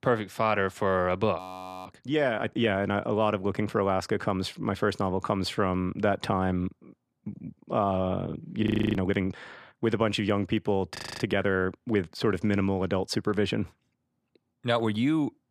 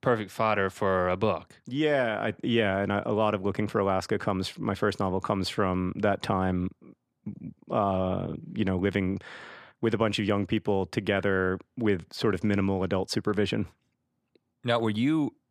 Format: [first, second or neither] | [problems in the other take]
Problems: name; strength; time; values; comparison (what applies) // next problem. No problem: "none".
second | audio freezing; at 1.5 s, at 8.5 s and at 11 s